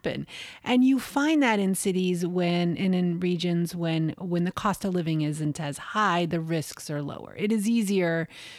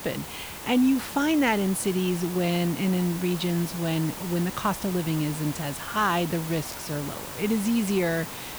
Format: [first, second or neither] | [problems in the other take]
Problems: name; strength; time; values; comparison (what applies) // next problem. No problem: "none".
first | hiss; loud; throughout; 10 dB below the speech